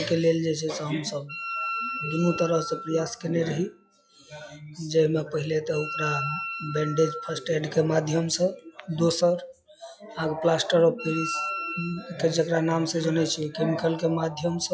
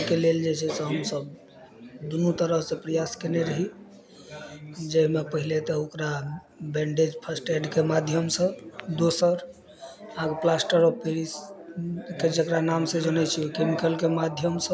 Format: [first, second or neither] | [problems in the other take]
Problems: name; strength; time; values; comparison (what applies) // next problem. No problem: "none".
second | noise reduction (classical method log-MMSE)